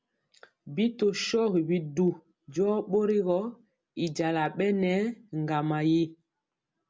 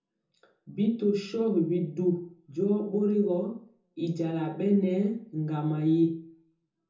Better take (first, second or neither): first